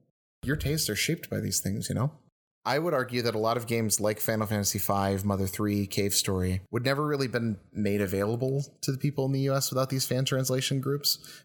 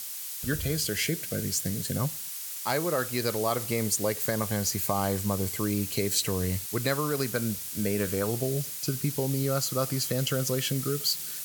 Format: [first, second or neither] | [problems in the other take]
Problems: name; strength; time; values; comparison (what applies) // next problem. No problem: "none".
first | hiss; loud; throughout; 4 dB below the speech